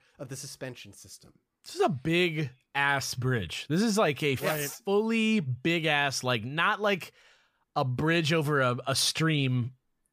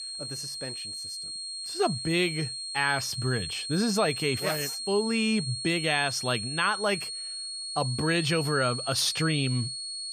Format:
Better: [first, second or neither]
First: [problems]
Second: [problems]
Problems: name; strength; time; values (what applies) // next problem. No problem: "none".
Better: first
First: none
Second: high-pitched whine; loud; throughout; 4.5 kHz, 5 dB below the speech